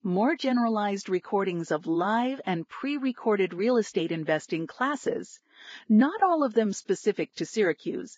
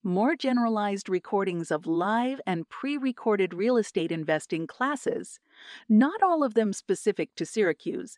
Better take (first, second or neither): second